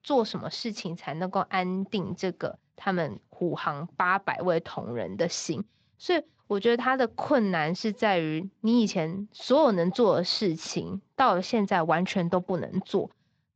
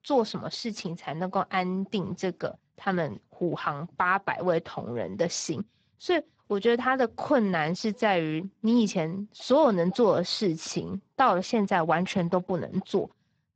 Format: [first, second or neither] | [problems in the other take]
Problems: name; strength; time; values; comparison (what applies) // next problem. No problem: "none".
first | garbled, watery; badly; nothing above 7.5 kHz; slightly in the first